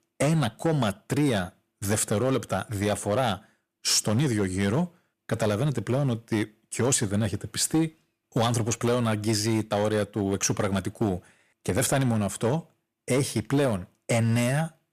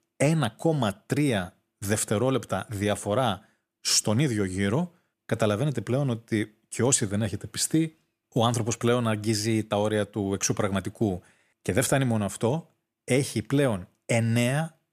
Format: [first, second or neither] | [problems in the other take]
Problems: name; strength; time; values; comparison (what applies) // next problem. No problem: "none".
second | distortion; slight; 7% of the sound clipped